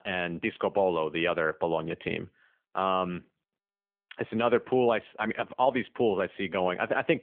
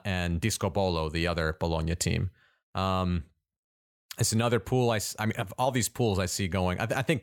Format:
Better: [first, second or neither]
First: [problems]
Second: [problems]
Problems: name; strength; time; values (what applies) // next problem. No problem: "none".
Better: second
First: phone-call audio; nothing above 3.5 kHz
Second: none